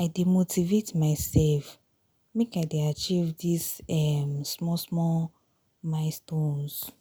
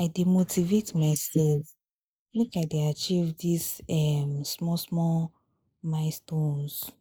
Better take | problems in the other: first | noise reduction (neural mask model Resemble Enhance denoiser)

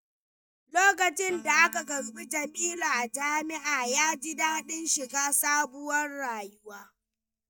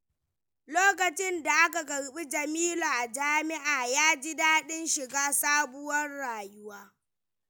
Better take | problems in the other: second | noise reduction (neural mask model DeepFilterNet 3)

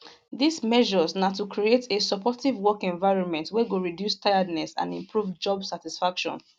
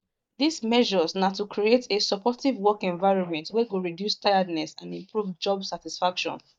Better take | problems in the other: first | noise reduction (neural mask model DeepFilterNet 3)

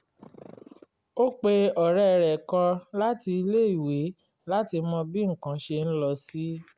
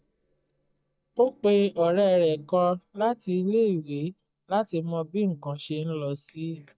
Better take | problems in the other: first | noise reduction (neural mask model DeepFilterNet 3)

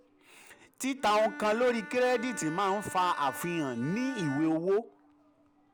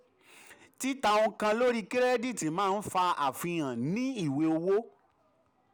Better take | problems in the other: second | background sound (Bowed string instrument); 14 dB below the speech

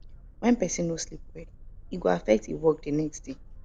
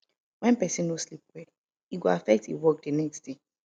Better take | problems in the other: second | background sound (Boat, Water vehicle); 16 dB below the speech

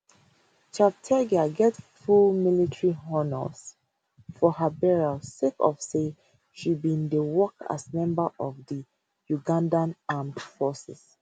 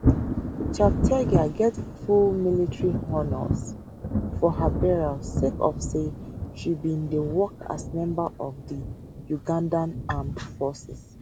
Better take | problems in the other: first | background sound (Thunder); 2 dB below the speech

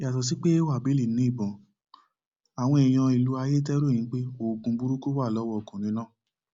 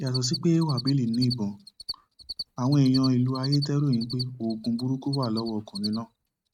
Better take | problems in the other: first | noise reduction (neural mask model RNNoise)

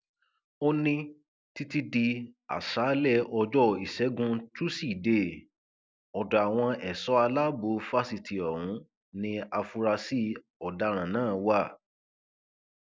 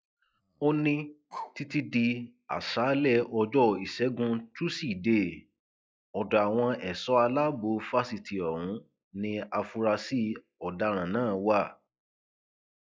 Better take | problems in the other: first | noise reduction (classical method log-MMSE)

